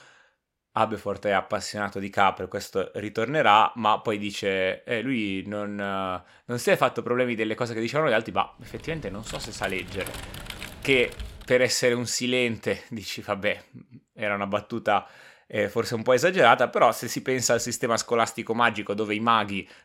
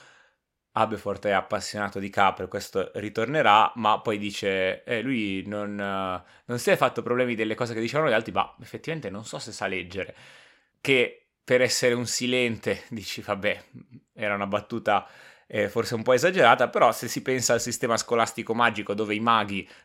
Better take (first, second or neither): second